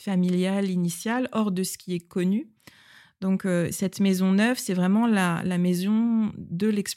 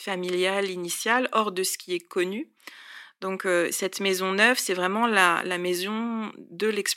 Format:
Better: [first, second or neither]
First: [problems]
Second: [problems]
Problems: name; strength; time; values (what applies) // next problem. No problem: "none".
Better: first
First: none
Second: thin; very; fading below 300 Hz